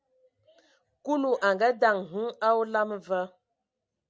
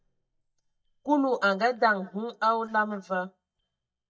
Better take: first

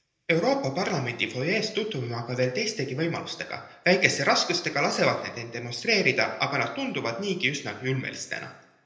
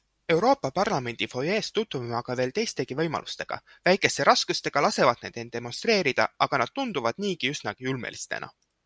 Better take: second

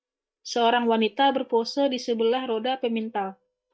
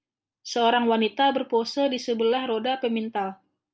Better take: second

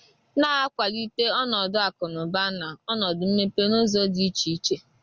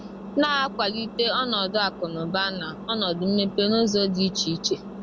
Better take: first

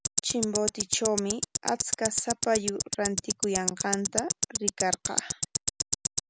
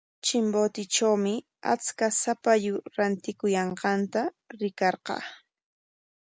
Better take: second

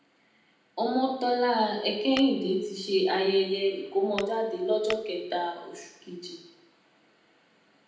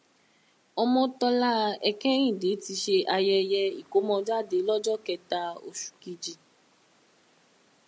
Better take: second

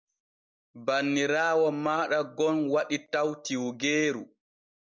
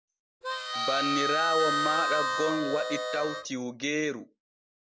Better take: first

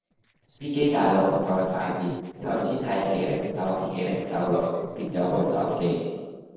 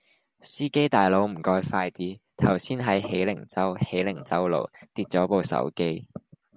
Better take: second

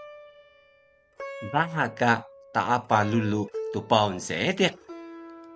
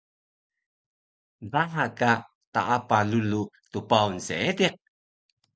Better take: second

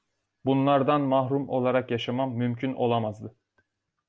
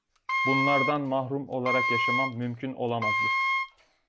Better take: first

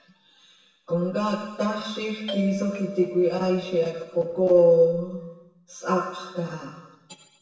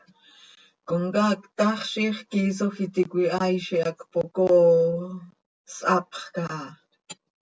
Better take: second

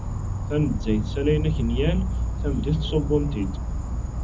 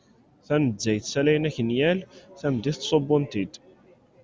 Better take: second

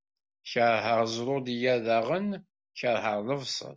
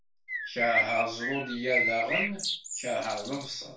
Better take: first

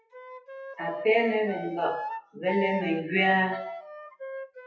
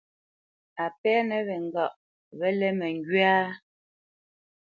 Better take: second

